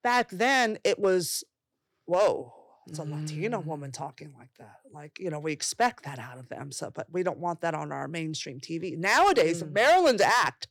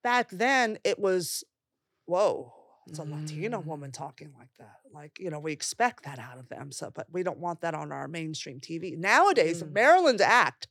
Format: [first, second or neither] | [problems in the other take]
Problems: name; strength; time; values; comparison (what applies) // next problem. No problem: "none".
second | distortion; slight; 2% of the sound clipped